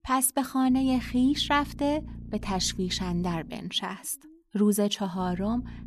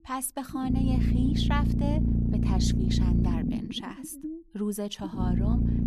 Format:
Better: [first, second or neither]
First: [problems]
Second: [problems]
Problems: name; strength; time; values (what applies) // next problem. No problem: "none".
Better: first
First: low rumble; faint; throughout; 25 dB below the speech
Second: low rumble; loud; throughout; 1 dB below the speech